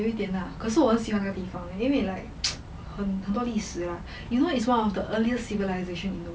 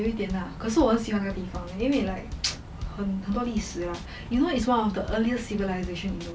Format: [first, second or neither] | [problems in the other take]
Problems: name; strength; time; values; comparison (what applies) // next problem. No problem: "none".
first | background sound (Drum kit); 13 dB below the speech